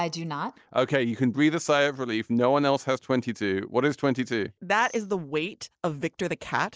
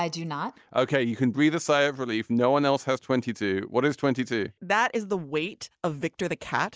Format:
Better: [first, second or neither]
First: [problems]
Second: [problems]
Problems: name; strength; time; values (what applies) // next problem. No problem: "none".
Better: second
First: noise reduction (neural separator model SepFormer DNS4)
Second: none